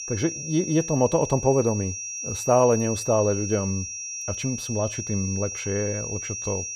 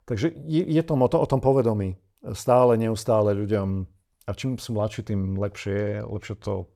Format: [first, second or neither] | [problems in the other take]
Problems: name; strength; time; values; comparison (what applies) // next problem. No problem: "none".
second | high-pitched whine; loud; throughout; 5.5 kHz, 6 dB below the speech